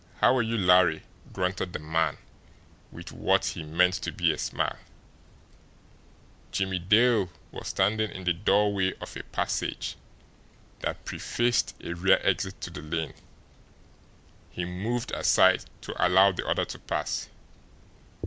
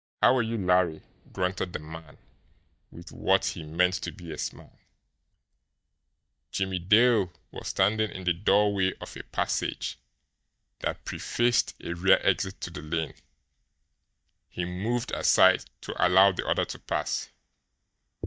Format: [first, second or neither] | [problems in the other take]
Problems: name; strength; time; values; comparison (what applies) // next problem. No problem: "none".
first | noise reduction (neural mask model DeepFilterNet 3)